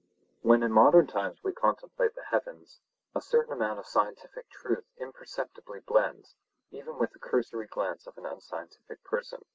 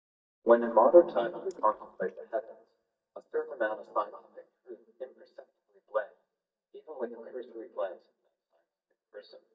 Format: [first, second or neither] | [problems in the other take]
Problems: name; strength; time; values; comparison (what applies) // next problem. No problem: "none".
first | noise reduction (neural mask model DeepFilterNet 3)